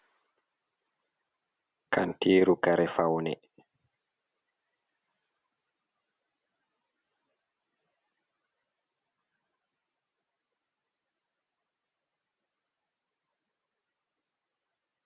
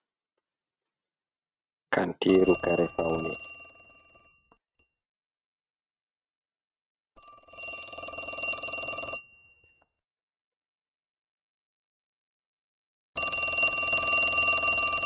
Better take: first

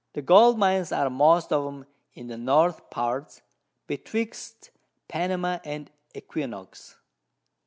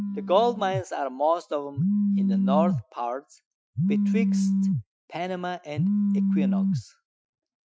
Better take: first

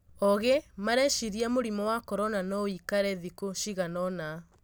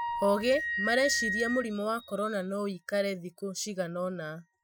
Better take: first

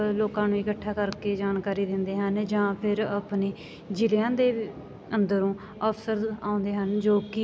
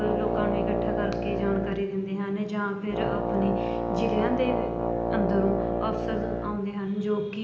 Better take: first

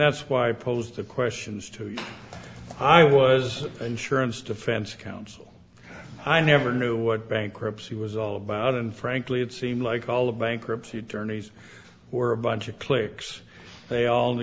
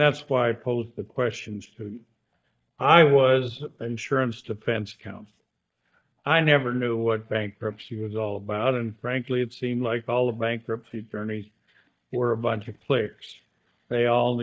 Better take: first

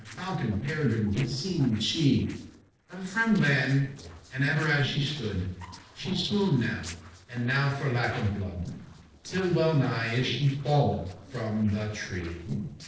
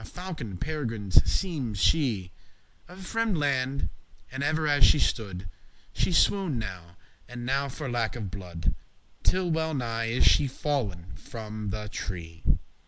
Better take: second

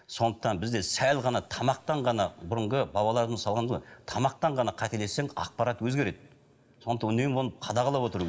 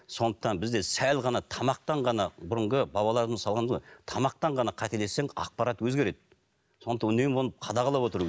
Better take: second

